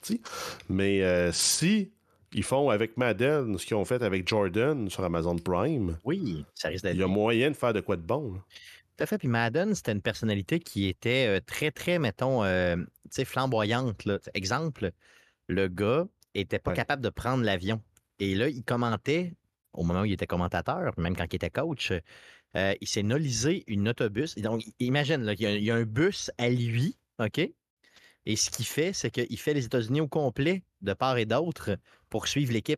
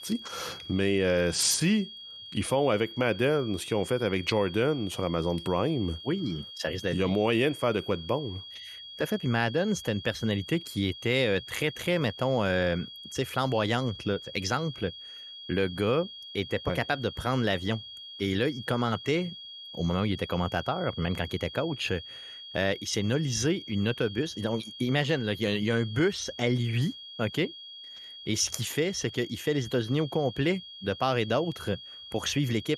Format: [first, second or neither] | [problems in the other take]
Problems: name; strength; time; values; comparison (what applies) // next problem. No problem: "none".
first | high-pitched whine; noticeable; throughout; 3.5 kHz, 15 dB below the speech